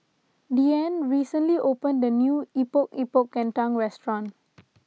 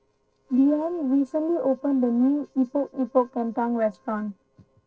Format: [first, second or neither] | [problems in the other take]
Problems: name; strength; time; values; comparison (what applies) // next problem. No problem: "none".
first | noise reduction (neural separator model SepFormer DNS4)